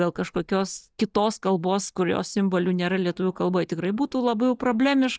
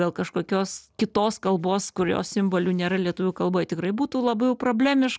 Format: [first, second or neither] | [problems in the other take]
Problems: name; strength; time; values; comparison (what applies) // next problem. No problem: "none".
second | noise reduction (neural mask model DeepFilterNet 3)